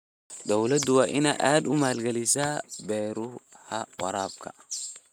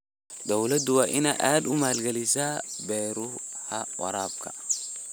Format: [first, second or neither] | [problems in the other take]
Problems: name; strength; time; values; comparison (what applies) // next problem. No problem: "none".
second | noise reduction (neural mask model RNNoise)